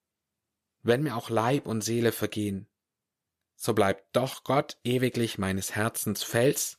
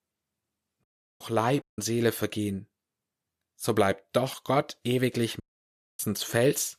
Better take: first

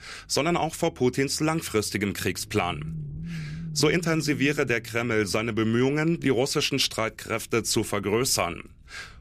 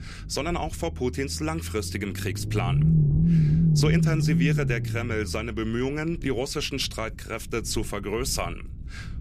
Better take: first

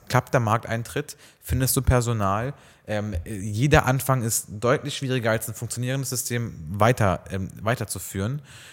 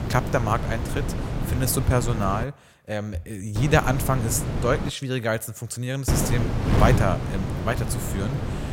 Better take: first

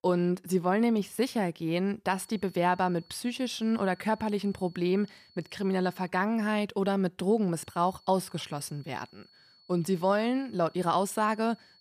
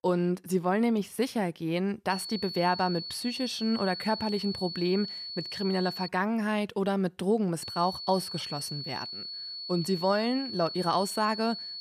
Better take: first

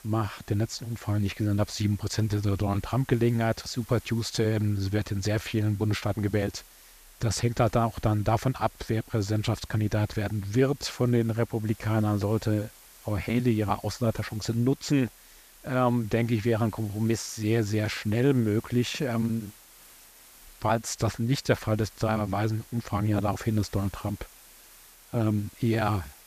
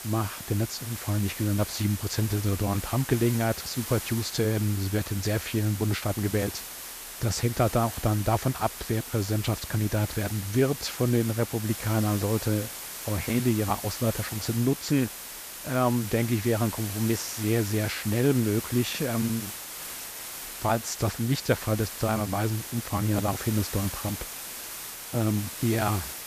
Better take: first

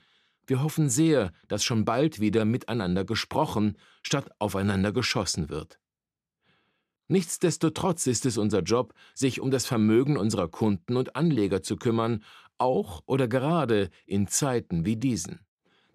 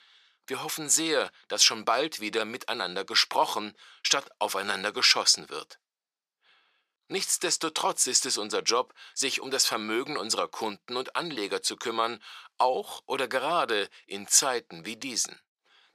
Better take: first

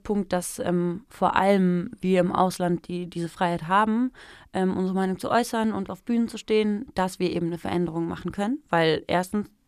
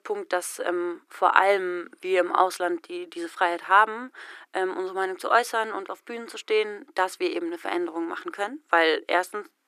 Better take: first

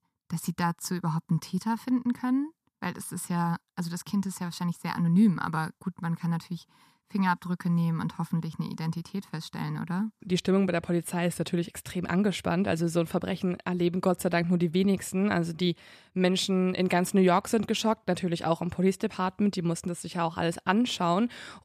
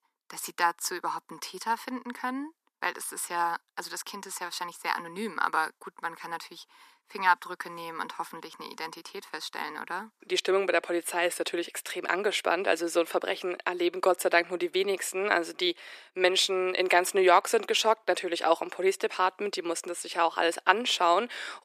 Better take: first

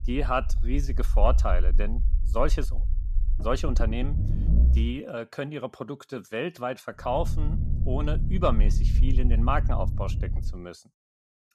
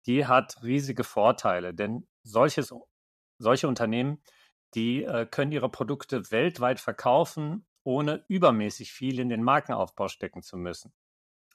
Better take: second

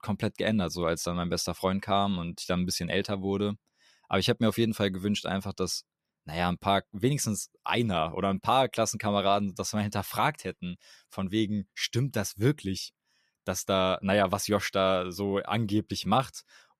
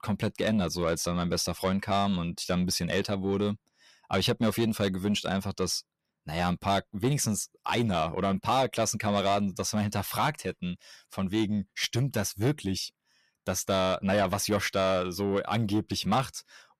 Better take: first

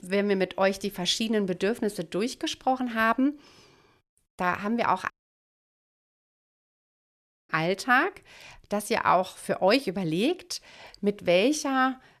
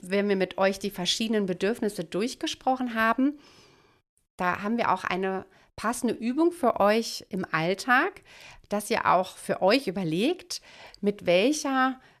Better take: second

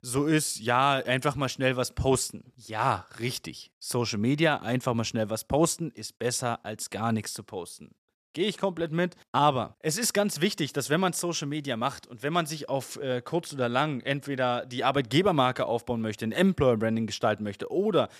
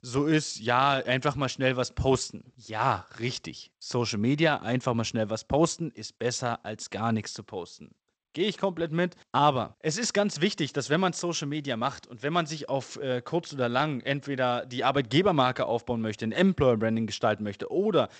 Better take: first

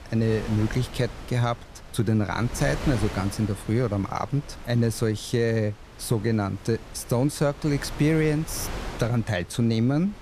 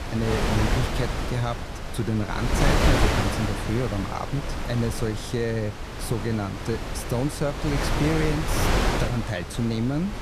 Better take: first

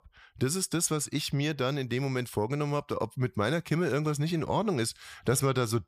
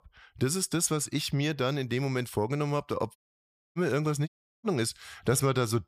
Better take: first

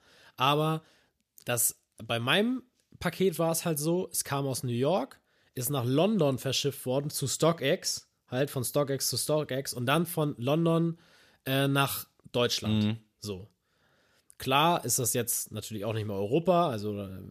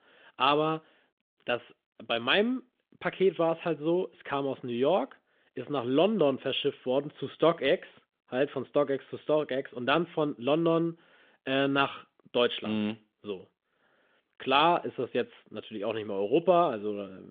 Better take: first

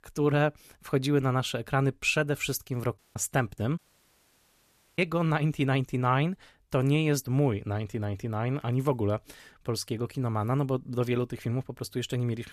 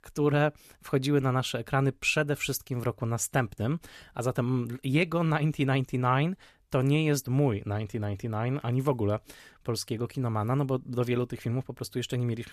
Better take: second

